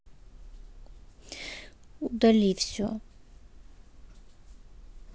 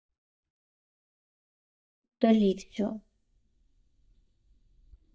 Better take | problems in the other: first | noise reduction (neural mask model DeepFilterNet 3)

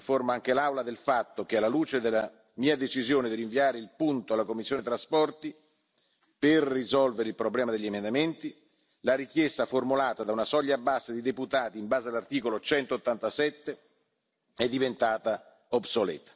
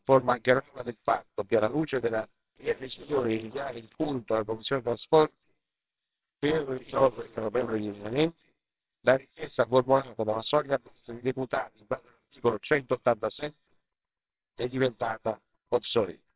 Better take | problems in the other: first | noise reduction (neural separator model SepFormer WHAMR!)

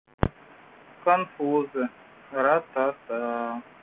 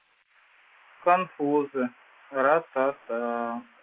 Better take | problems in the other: first | noise reduction (neural mask model Resemble Enhance denoiser)

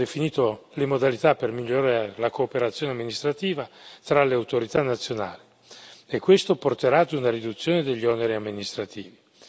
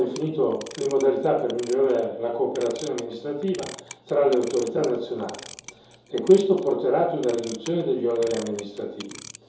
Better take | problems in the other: first | background sound (Clock); 20 dB below the speech // room echo; dies away in 2.8 s

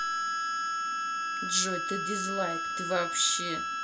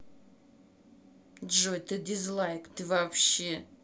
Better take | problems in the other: second | background sound (Harmonica); 2 dB above the speech

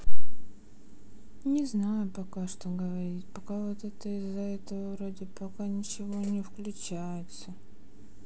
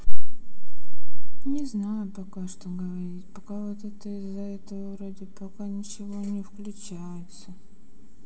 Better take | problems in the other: first | room echo; dies away in 2.7 s

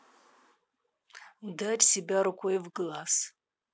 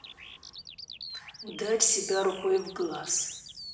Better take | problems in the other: first | background sound (Bird vocalization, bird call, bird song); 14 dB below the speech // room echo; dies away in 0.8 s

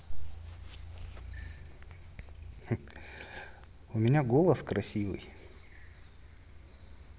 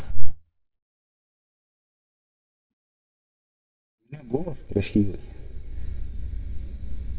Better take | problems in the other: first | noise reduction (neural mask model DeepFilterNet 3)

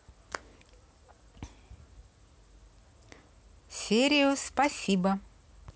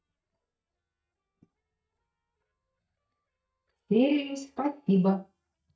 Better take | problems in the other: first | noise reduction (neural mask model DeepFilterNet 3)

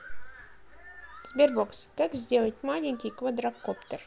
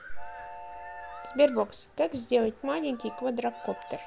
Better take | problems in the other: first | background sound (Train); 16 dB below the speech

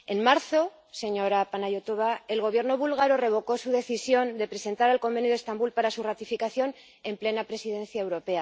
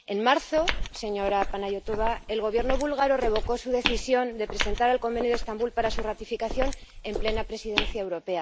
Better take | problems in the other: first | background sound (Walk, footsteps); 4 dB below the speech

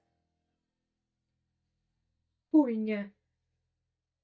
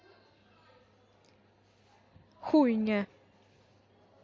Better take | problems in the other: second | noise reduction (neural mask model DeepFilterNet 3)

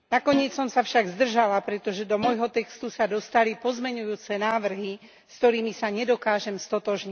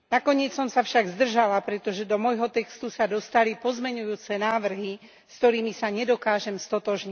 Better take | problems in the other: second | background sound (Guitar); 9 dB below the speech

